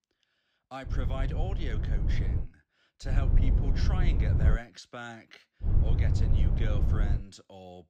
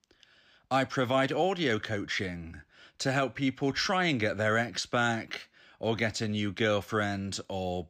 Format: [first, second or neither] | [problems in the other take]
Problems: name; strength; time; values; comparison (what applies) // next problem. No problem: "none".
second | wind noise on the microphone; heavy; from 1 to 2.5 s, from 3 to 4.5 s and from 5.5 to 7 s; 1 dB below the speech